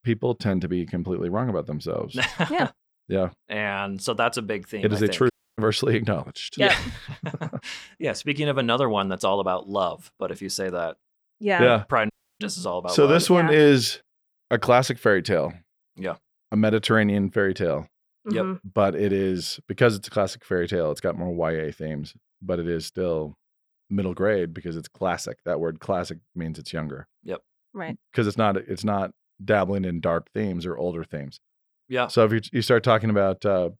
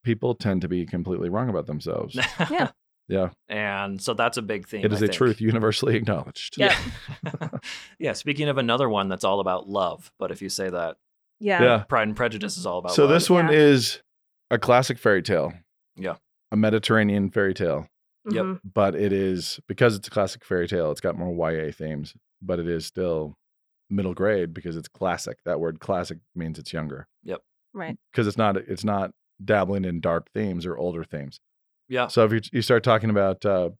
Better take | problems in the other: second | audio cutting out; at 5.5 s and at 12 s

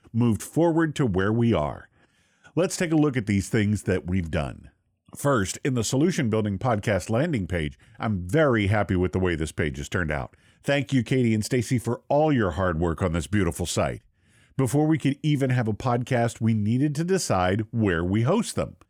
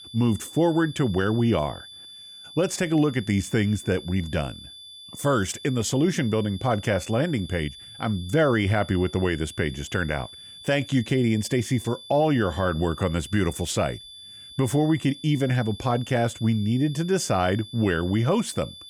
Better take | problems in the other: first | high-pitched whine; noticeable; throughout; 3.5 kHz, 15 dB below the speech

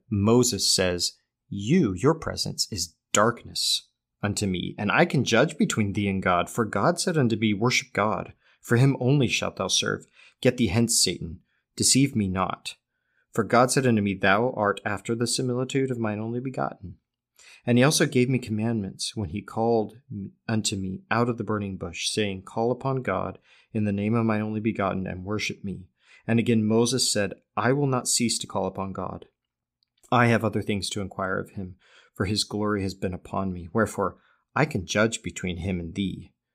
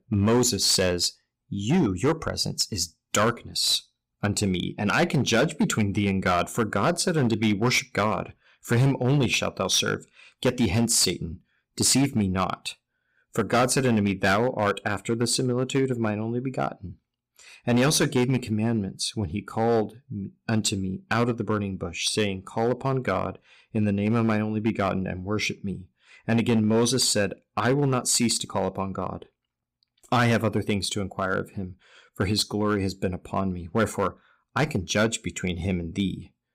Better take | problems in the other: first | distortion; slight; 5% of the sound clipped

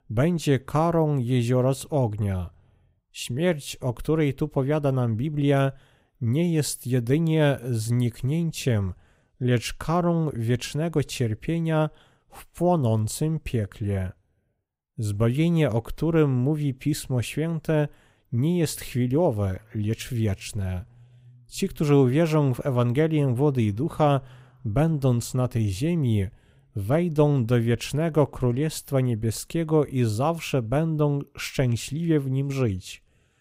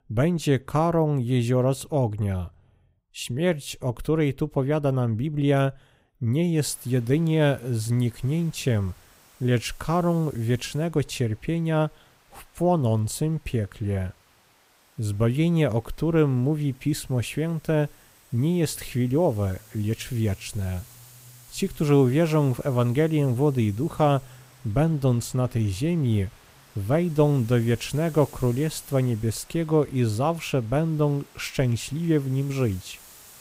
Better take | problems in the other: first | hiss; faint; from 6.5 s on; 25 dB below the speech

